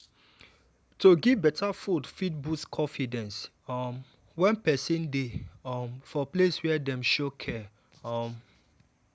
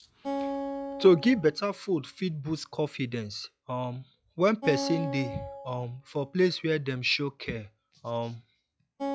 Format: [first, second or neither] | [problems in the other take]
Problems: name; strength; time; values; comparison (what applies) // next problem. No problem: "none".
first | noise reduction (classical method log-MMSE)